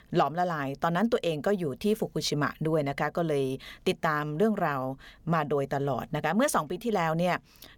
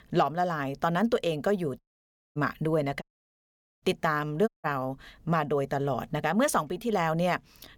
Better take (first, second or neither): first